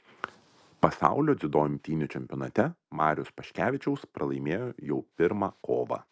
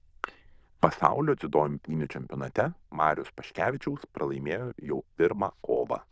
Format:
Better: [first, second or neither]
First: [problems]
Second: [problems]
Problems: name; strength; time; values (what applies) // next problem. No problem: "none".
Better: first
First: none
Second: noise reduction (neural diffusion model UNIVERSE++)